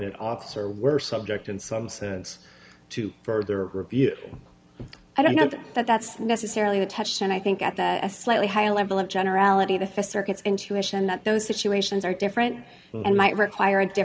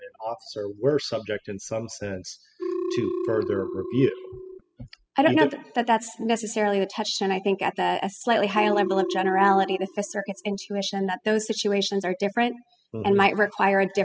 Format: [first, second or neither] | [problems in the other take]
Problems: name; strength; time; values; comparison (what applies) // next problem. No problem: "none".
first | noise reduction (classical method spectral subtraction)